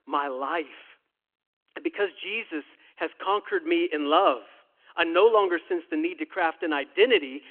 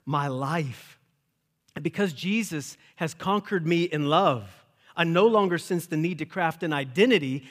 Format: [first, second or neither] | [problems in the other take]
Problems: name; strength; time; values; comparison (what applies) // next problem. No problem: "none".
second | phone-call audio